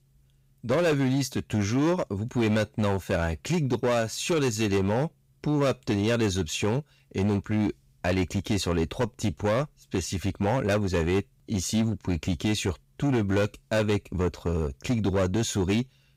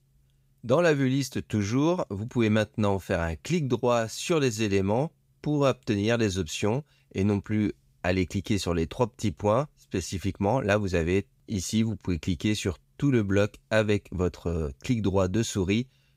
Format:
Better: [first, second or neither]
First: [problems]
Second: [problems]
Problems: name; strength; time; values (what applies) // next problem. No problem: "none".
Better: second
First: distortion; slight; 11% of the sound clipped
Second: none